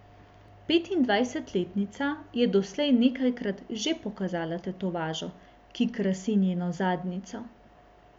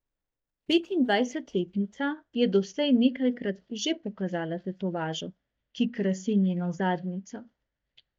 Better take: first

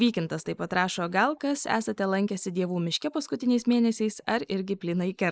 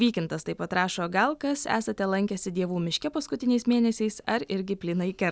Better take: second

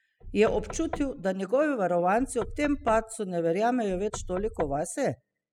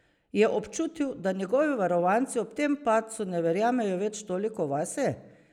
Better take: second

